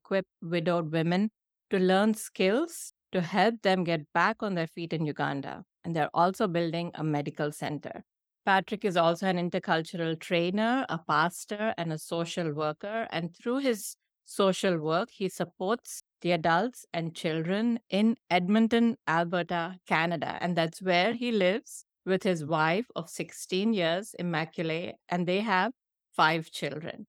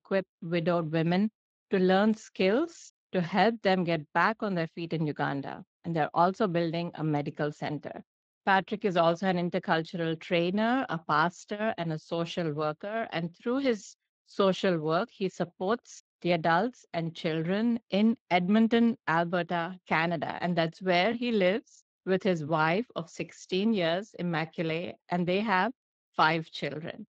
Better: first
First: none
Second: garbled, watery; slightly; nothing above 7.5 kHz

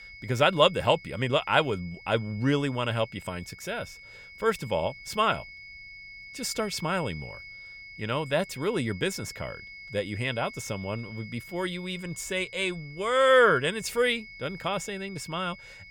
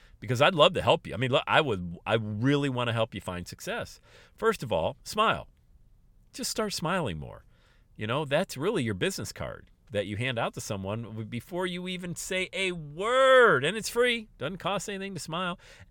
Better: second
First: high-pitched whine; noticeable; throughout; 2 kHz, 15 dB below the speech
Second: none

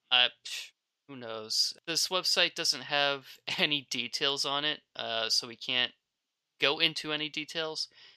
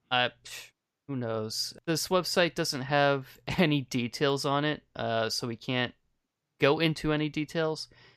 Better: second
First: thin; somewhat; fading below 1 kHz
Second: none

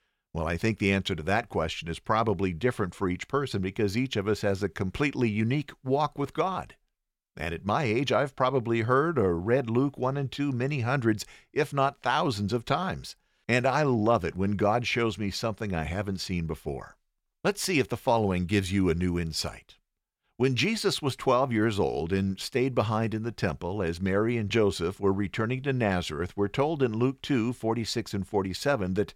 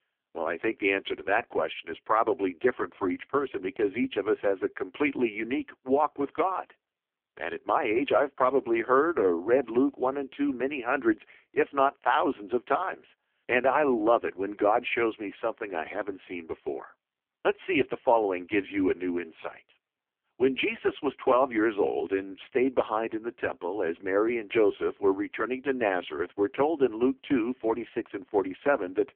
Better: first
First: none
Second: phone-call audio; poor line

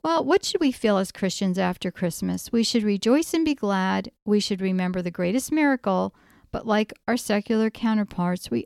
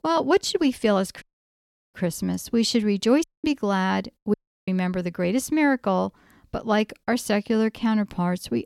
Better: first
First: none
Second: audio cutting out; at 1 s for 0.5 s, at 3 s and at 4.5 s

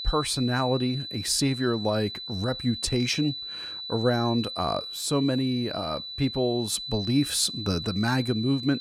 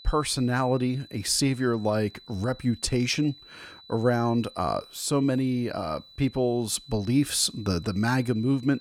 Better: second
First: high-pitched whine; loud; throughout; 4 kHz, 7 dB below the speech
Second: high-pitched whine; faint; throughout; 4 kHz, 20 dB below the speech

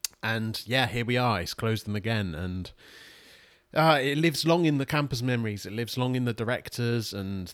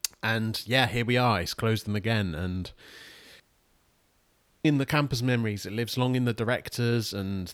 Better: first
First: none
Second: audio cutting out; at 3.5 s for 1.5 s

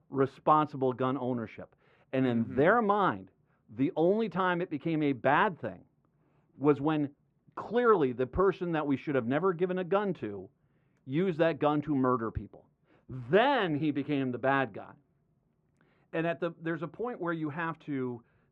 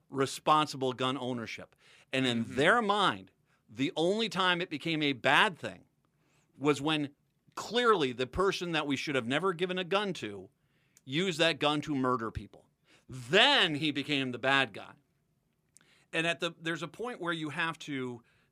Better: second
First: muffled; very; fading above 3 kHz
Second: none

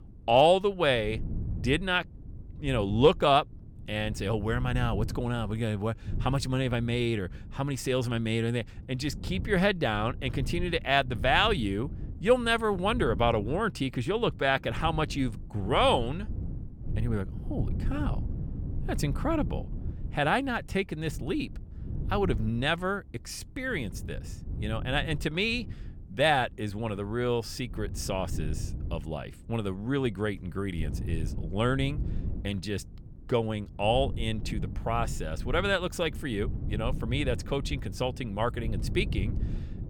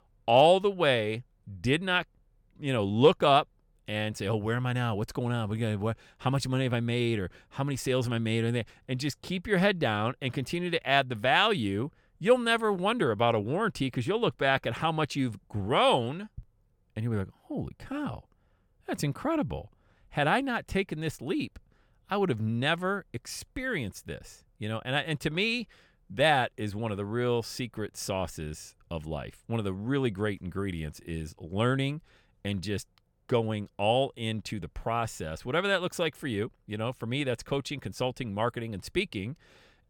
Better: second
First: wind noise on the microphone; occasional gusts; 20 dB below the speech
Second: none

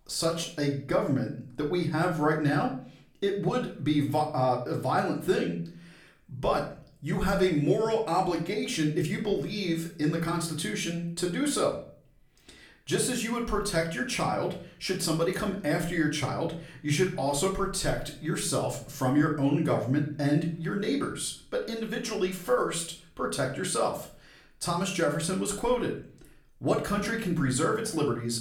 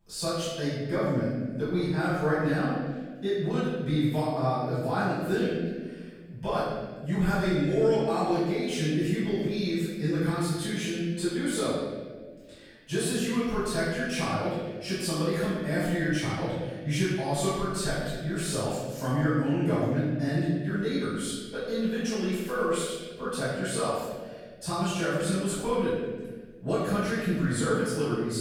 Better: first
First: room echo; slight; dies away in 0.4 s // off-mic speech; far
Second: room echo; strong; dies away in 1.4 s // off-mic speech; far

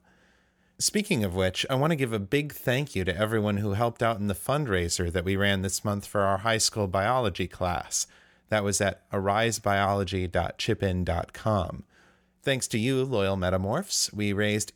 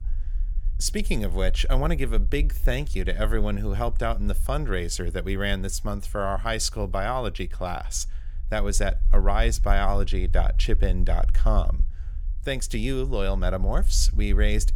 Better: first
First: none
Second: low rumble; faint; throughout; 25 dB below the speech

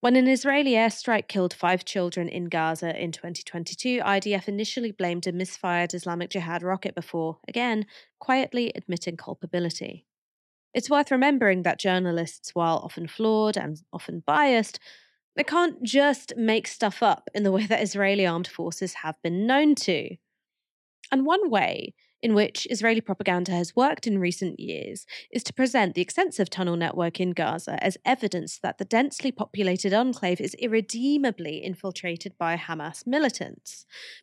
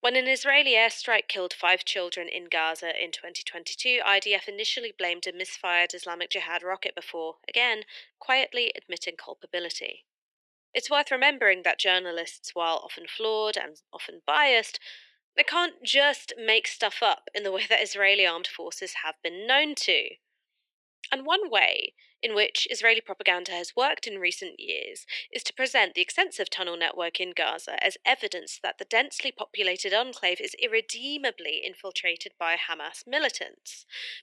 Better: first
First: none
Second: thin; very; fading below 450 Hz

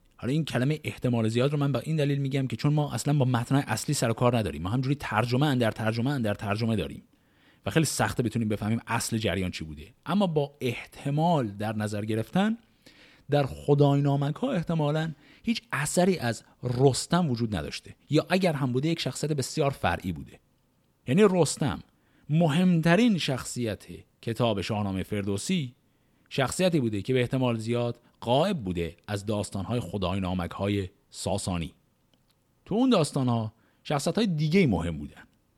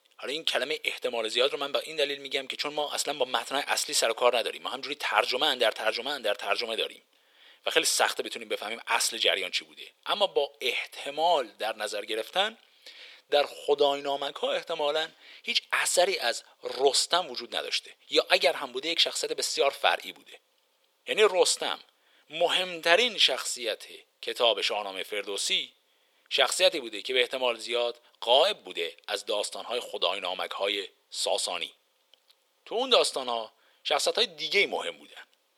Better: first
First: none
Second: thin; very; fading below 500 Hz

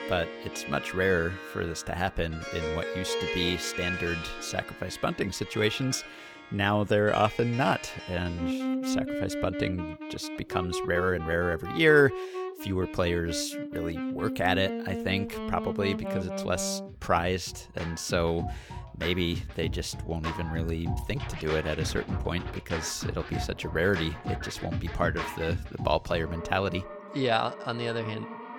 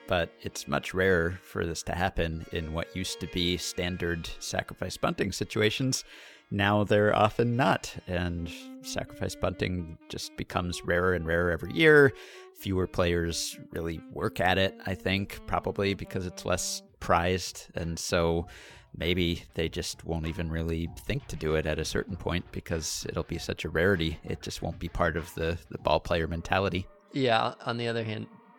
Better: second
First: background music; loud; throughout; 6 dB below the speech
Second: background music; faint; throughout; 25 dB below the speech

